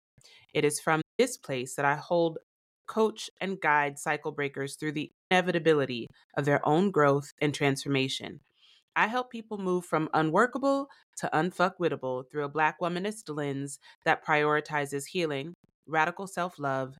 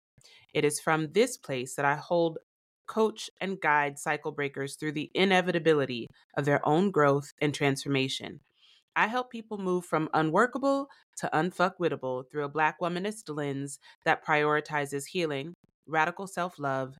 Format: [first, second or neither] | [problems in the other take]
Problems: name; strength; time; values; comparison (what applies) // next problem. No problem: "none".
second | audio cutting out; at 1 s and at 5 s